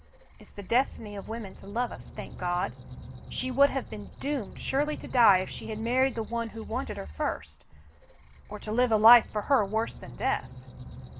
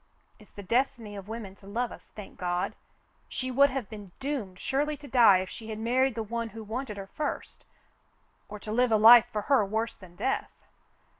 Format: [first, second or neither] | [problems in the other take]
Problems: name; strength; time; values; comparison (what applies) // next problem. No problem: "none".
second | background sound (Squeak); 14 dB below the speech